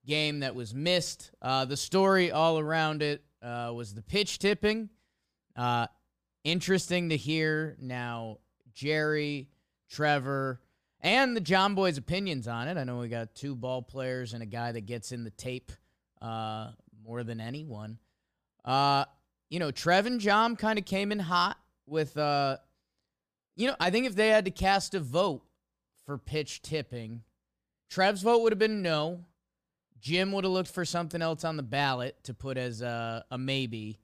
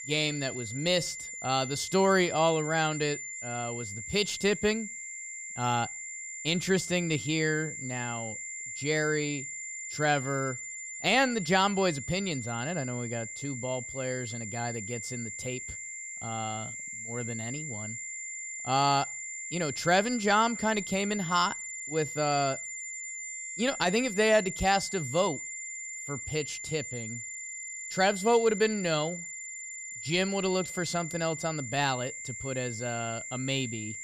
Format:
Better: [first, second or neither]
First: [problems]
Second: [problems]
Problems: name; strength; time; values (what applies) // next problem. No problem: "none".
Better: first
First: none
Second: high-pitched whine; loud; throughout; 7 kHz, 7 dB below the speech